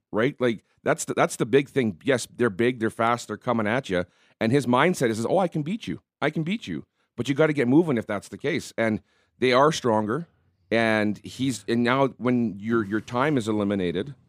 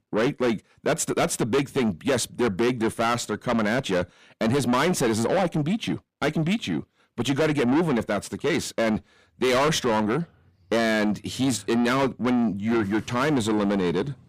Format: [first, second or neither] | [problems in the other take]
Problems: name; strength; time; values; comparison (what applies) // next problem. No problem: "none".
first | distortion; heavy; 6 dB below the speech